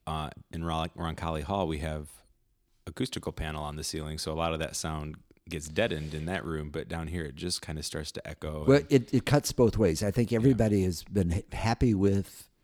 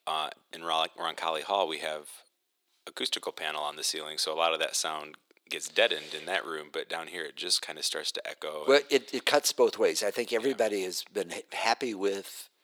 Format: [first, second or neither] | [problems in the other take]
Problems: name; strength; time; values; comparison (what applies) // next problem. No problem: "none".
first | thin; very; fading below 450 Hz